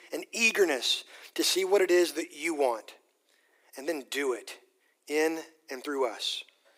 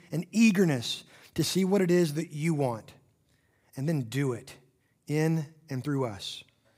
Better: second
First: thin; very; fading below 350 Hz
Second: none

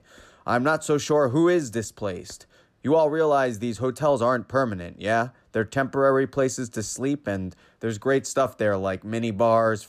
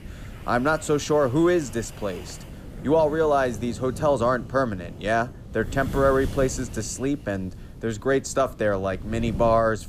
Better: first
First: none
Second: wind noise on the microphone; occasional gusts; 20 dB below the speech

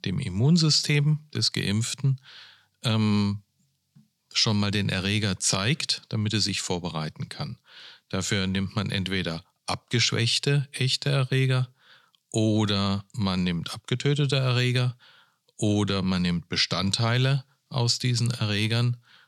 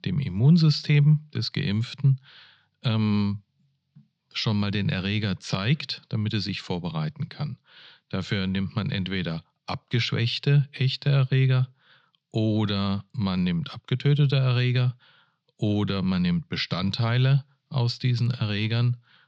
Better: first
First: none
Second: muffled; very slightly; fading above 4 kHz

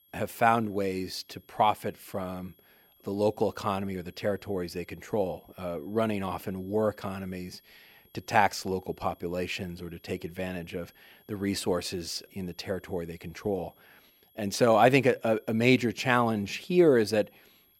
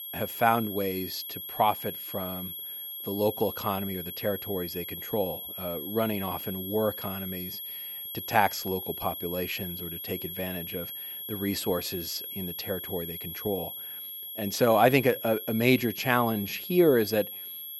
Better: first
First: high-pitched whine; faint; throughout; 11.5 kHz, 30 dB below the speech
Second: high-pitched whine; loud; throughout; 11.5 kHz, 7 dB below the speech

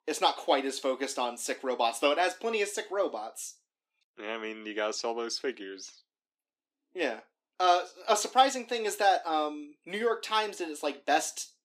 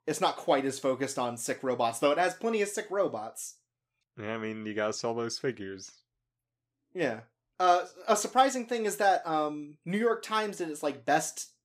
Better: second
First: thin; very slightly; fading below 250 Hz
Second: none

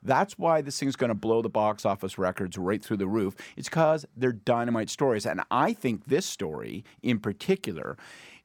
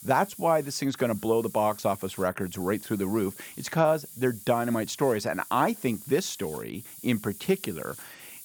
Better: first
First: none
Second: hiss; noticeable; throughout; 15 dB below the speech

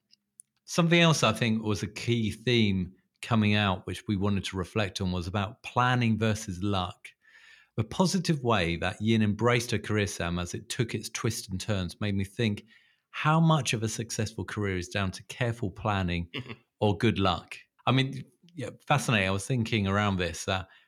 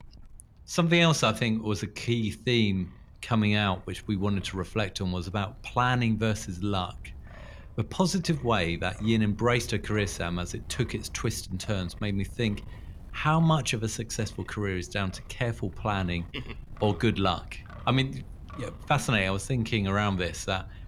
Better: first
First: none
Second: wind noise on the microphone; occasional gusts; 25 dB below the speech

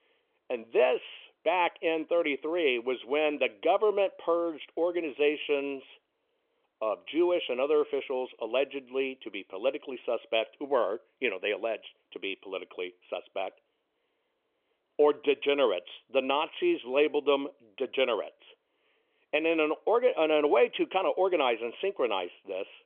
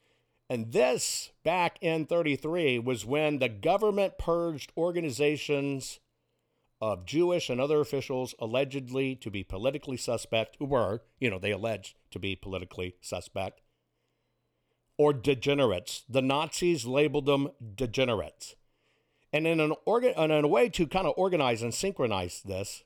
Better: second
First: phone-call audio; nothing above 3.5 kHz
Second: none

